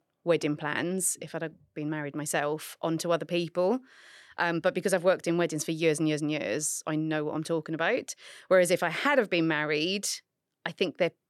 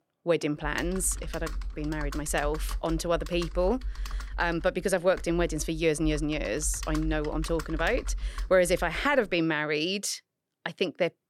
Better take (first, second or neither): first